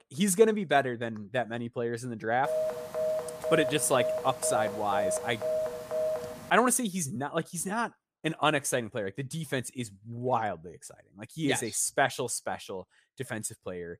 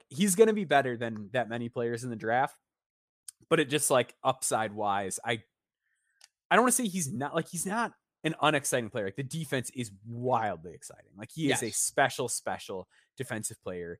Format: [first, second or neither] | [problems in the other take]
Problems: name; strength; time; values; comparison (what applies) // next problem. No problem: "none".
second | phone ringing; noticeable; from 2.5 to 6.5 s; peak 2 dB below the speech